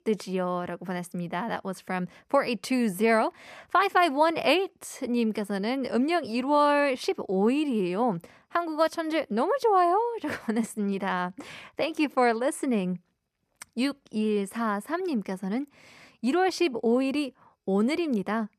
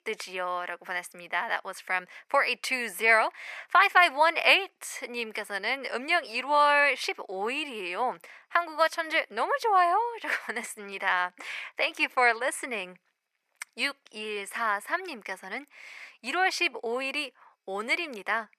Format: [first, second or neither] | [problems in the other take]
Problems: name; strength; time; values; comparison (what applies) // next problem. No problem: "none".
first | thin; very; fading below 700 Hz